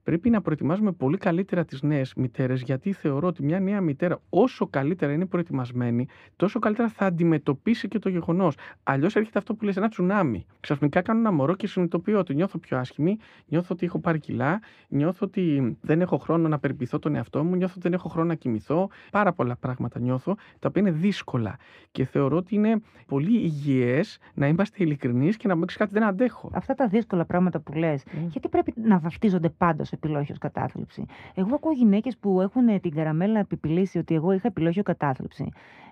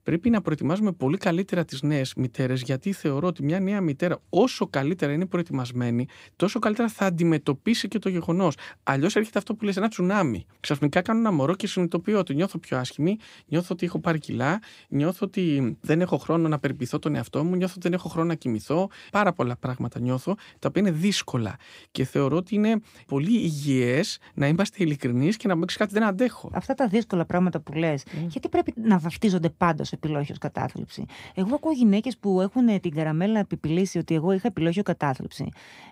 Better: second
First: muffled; slightly; fading above 3.5 kHz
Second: none

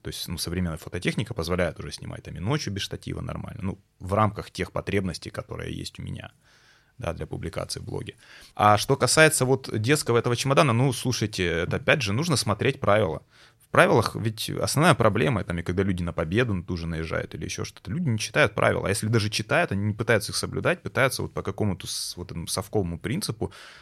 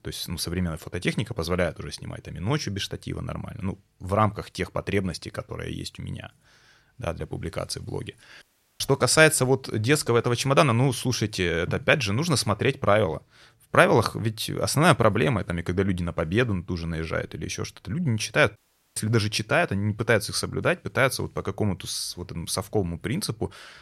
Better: first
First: none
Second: audio cutting out; at 8.5 s and at 19 s

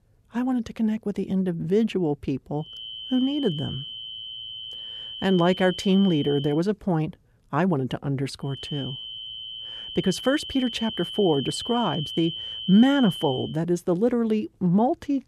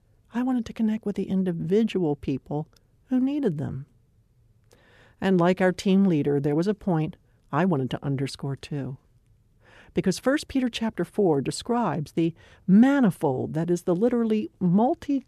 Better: second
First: high-pitched whine; loud; from 2.5 to 6.5 s and from 8.5 to 13 s; 3 kHz, 9 dB below the speech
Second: none

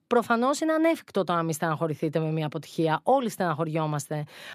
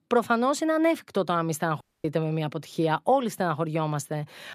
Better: first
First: none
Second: audio cutting out; at 2 s

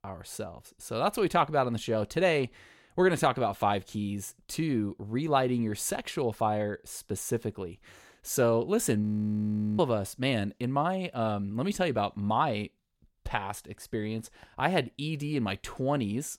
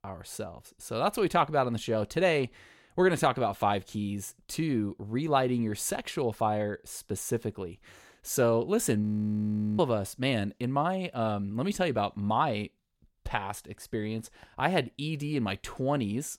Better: neither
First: audio freezing; at 9 s for 1 s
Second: audio freezing; at 9 s for 1 s

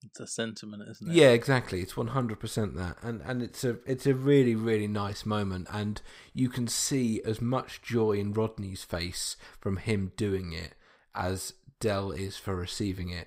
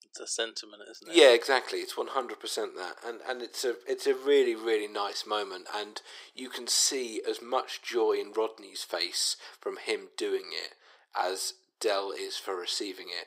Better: first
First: none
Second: thin; very; fading below 350 Hz

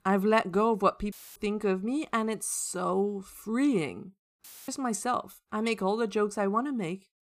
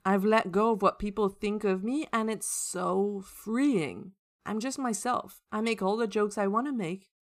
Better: second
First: audio cutting out; filled with static; at 1 s and at 4.5 s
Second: none

